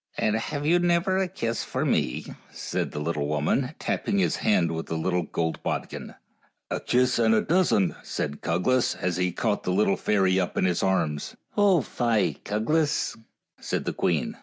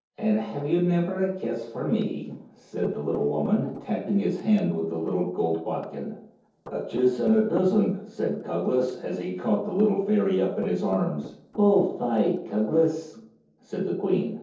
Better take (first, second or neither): first